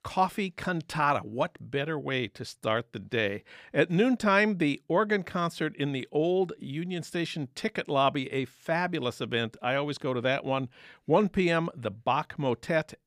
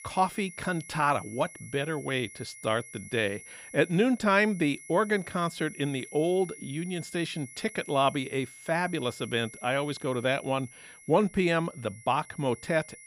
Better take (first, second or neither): first